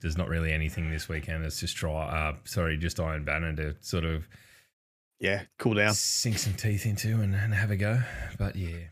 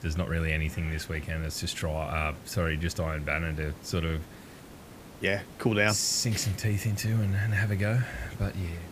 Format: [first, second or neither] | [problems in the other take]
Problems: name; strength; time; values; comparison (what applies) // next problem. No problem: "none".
first | hiss; noticeable; throughout; 20 dB below the speech